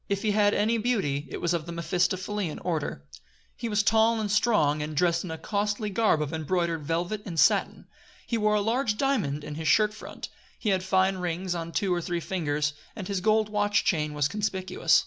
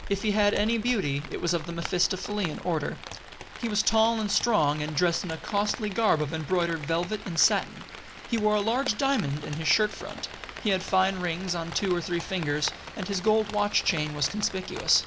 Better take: first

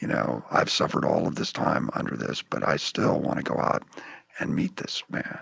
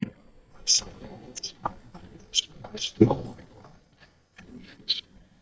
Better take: first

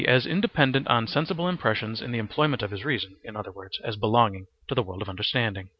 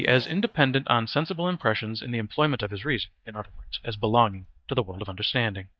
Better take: first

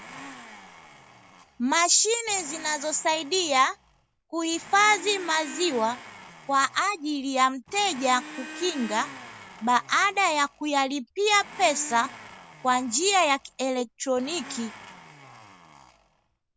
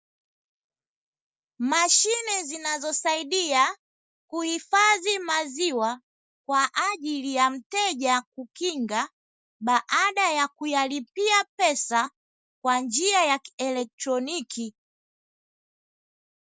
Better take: second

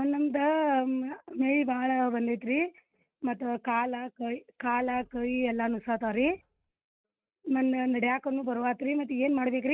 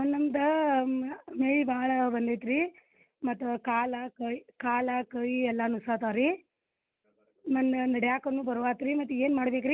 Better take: second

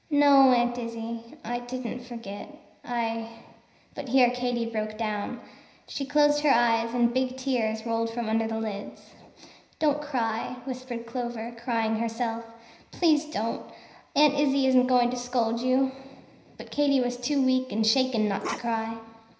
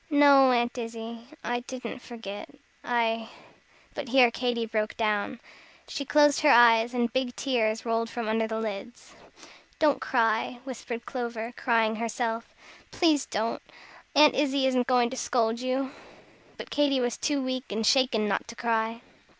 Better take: second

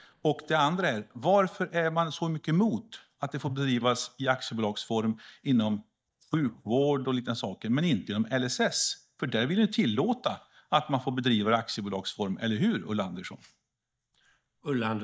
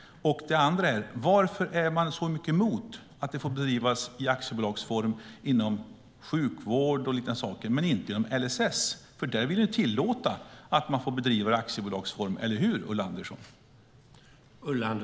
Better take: second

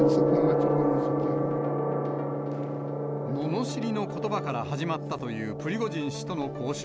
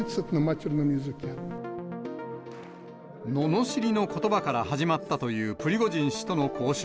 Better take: second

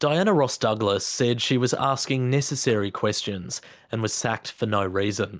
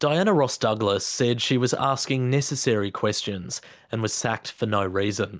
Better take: second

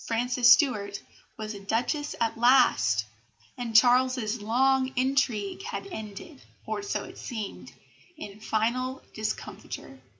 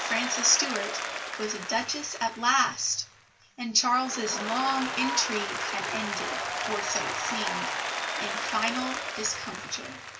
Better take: first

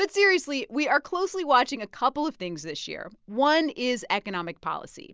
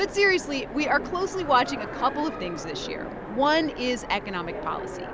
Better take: first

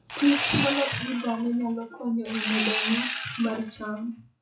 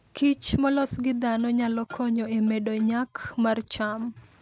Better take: second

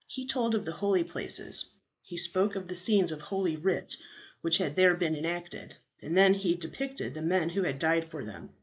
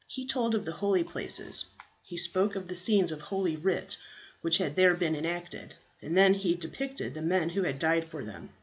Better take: second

